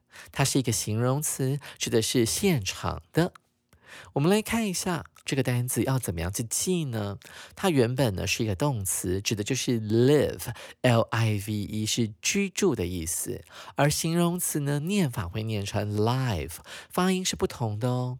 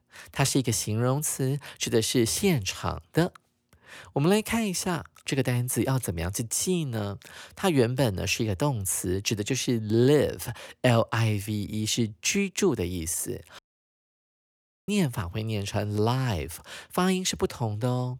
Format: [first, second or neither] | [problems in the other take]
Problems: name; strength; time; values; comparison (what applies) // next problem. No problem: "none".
first | audio cutting out; at 14 s for 1.5 s